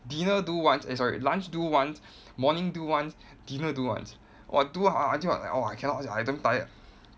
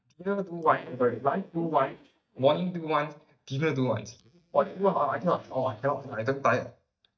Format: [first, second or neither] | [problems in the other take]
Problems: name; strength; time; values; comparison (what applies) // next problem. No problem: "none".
first | noise reduction (neural mask model DeepFilterNet 3)